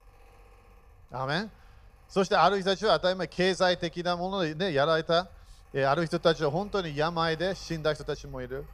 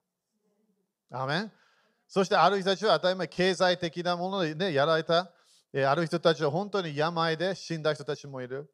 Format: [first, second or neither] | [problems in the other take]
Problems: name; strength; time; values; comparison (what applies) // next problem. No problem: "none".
second | machinery noise; faint; throughout; 25 dB below the speech